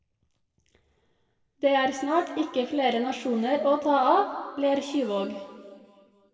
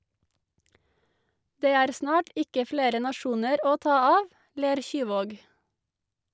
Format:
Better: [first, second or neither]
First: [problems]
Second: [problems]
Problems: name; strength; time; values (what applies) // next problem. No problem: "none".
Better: second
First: room echo; dies away in 1.9 s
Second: none